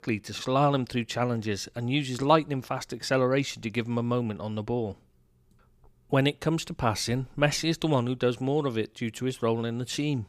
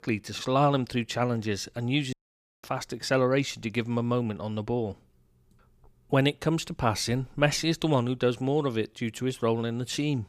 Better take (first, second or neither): first